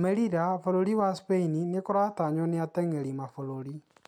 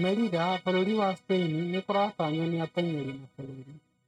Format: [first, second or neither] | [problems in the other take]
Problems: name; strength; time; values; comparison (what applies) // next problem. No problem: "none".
first | noise reduction (neural mask model RNNoise)